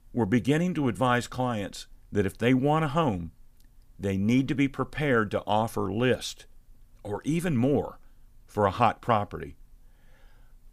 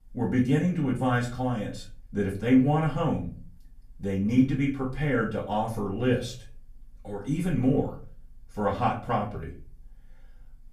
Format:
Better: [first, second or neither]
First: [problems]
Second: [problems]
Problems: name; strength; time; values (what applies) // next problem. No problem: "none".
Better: first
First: none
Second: off-mic speech; far // room echo; slight; dies away in 0.4 s